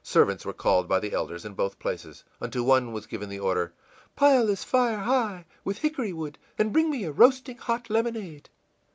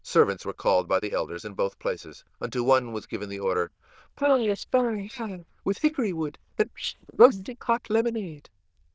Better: first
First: none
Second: noise reduction (neural diffusion model UNIVERSE++)

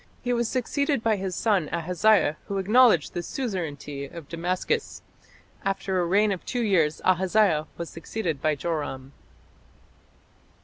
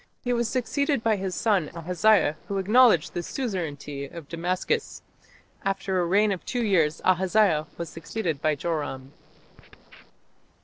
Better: first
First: none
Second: noise reduction (neural separator model SepFormer DNS4)

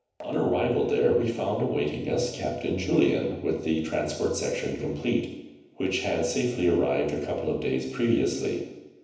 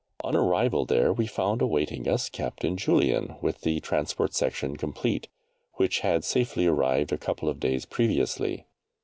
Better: second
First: room echo; dies away in 0.9 s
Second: none

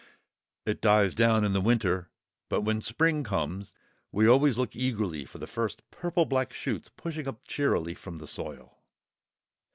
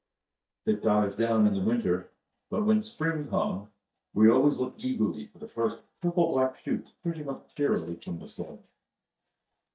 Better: first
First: none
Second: noise reduction (neural mask model DeepFilterNet 3)

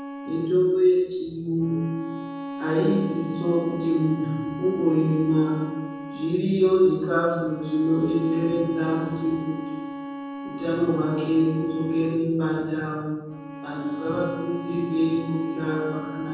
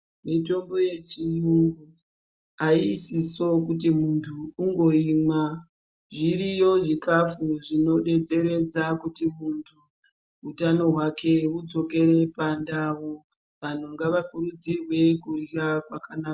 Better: second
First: background sound (Bowed string instrument); 11 dB below the speech // room echo; dies away in 1.3 s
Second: none

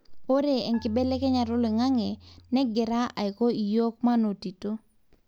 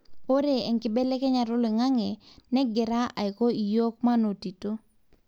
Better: second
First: background sound (Marimba, xylophone); 19 dB below the speech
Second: none

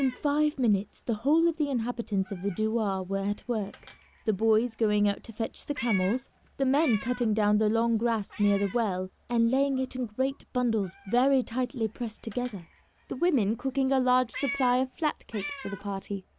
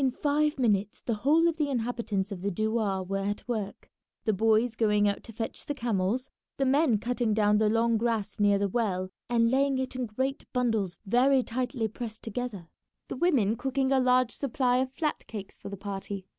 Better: second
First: background sound (Meow); 18 dB below the speech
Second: none

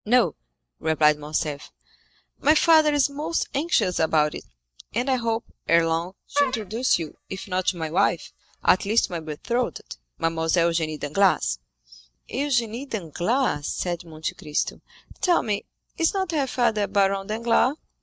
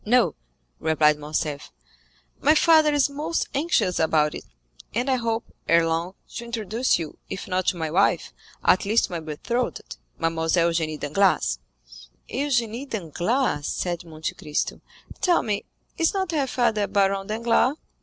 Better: second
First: noise reduction (neural mask model DeepFilterNet 3)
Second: none

